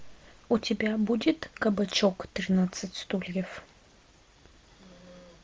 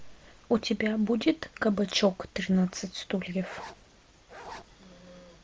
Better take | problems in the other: first | background sound (Zipper (clothing)); 16 dB below the speech

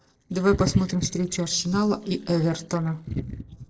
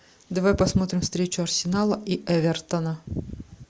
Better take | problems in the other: second | noise reduction (neural separator model SepFormer DNS4)

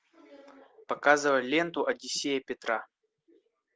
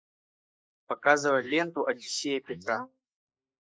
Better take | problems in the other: first | noise reduction (neural mask model Resemble Enhance denoiser)

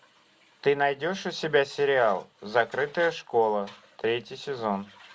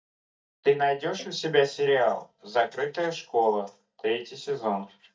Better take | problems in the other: first | noise reduction (neural mask model DeepFilterNet 3)

